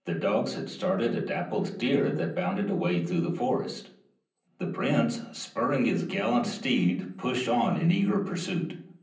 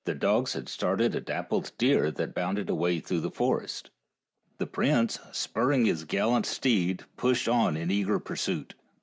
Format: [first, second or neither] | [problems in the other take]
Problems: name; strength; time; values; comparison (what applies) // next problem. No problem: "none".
second | room echo; dies away in 0.6 s